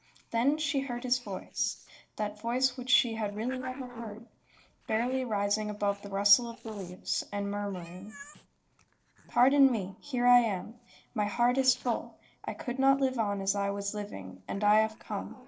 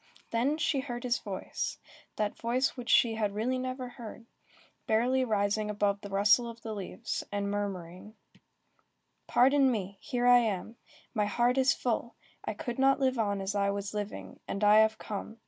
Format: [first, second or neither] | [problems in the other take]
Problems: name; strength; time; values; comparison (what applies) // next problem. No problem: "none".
second | noise reduction (neural separator model SepFormer DNS4)